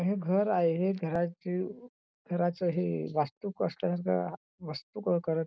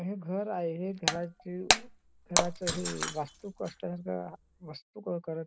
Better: first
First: none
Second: background sound (Shatter); 3 dB above the speech

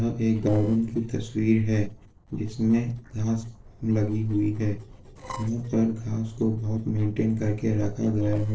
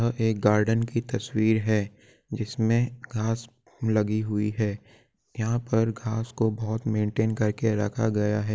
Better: second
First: noise reduction (neural separator model SepFormer DNS4)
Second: none

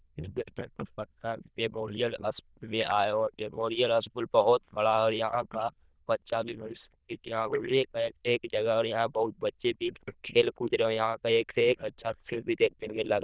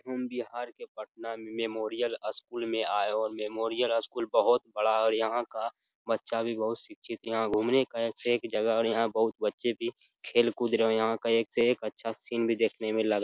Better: second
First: noise reduction (neural diffusion model UNIVERSE++)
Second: none

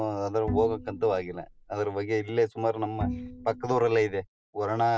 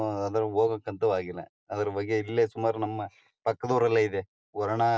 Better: second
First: background sound (Bowed string instrument); 9 dB below the speech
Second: none

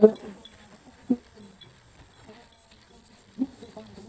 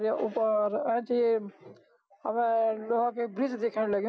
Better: second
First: noise reduction (neural mask model DeepFilterNet 3)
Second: none

